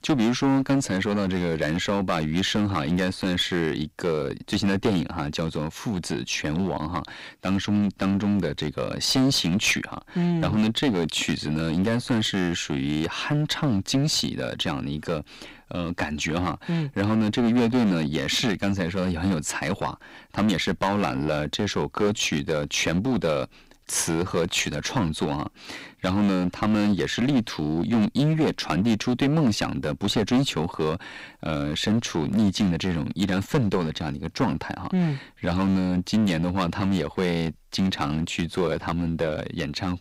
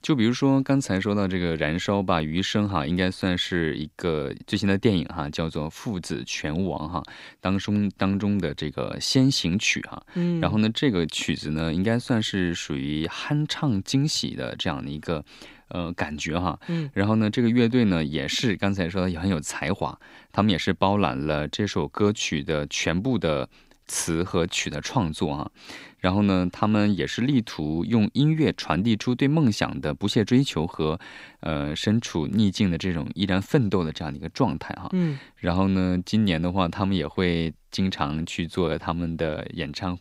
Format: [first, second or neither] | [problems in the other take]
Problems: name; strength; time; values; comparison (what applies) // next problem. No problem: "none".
second | distortion; heavy; 8% of the sound clipped